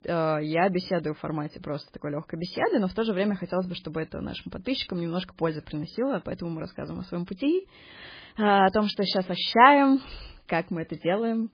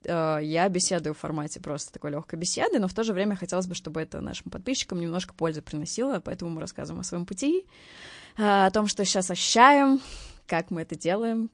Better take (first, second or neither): second